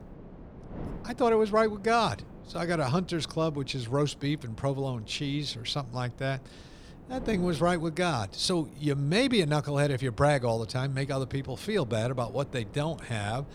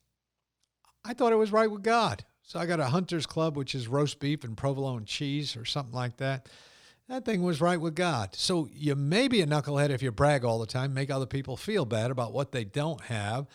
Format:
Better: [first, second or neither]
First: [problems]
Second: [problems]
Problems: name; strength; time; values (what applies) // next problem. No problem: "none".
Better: second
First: wind noise on the microphone; occasional gusts; 20 dB below the speech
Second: none